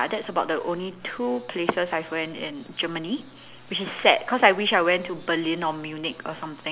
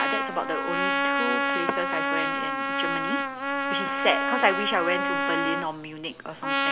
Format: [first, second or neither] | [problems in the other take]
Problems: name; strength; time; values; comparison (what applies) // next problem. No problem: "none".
first | background sound (Trumpet); 3 dB above the speech